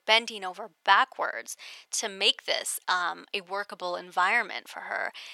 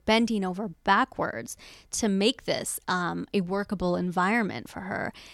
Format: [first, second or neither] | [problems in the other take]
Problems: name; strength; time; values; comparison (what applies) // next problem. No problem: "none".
second | thin; very; fading below 750 Hz